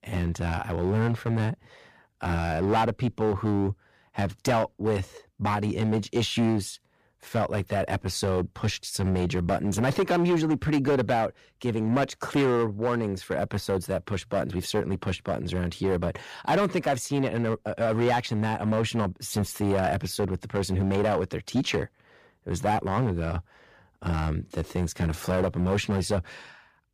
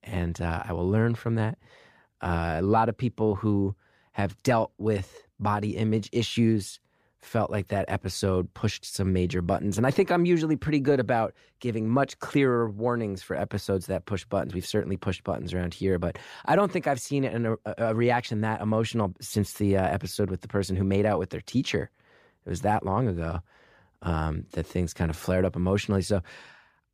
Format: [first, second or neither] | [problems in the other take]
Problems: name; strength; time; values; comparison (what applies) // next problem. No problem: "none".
second | distortion; slight; 8% of the sound clipped